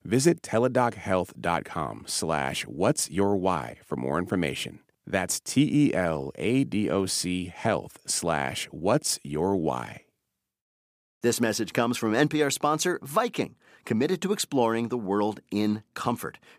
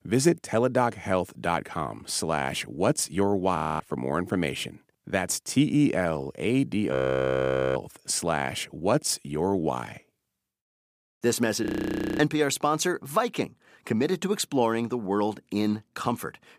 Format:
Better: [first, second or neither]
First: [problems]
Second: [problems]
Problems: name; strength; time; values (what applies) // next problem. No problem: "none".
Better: first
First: none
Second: audio freezing; at 3.5 s, at 7 s for 1 s and at 12 s for 0.5 s